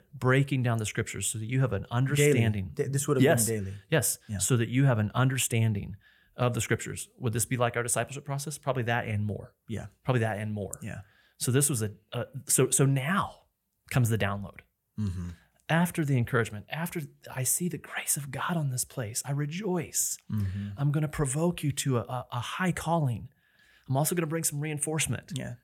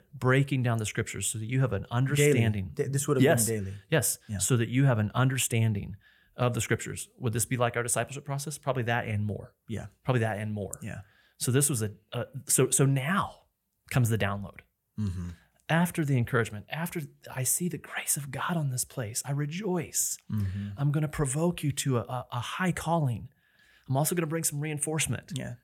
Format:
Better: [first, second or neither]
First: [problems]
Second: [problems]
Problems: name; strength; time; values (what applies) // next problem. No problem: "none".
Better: neither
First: none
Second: none